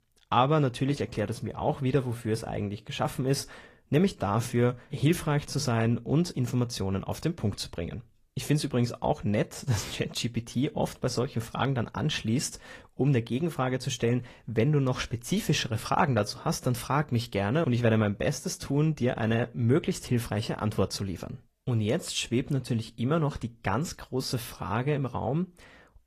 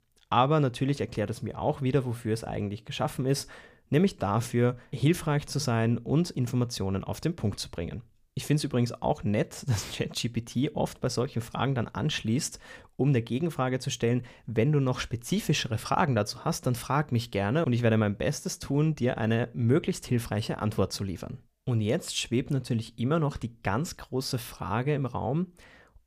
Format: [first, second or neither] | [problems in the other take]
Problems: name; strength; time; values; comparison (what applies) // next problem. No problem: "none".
second | garbled, watery; slightly; nothing above 15 kHz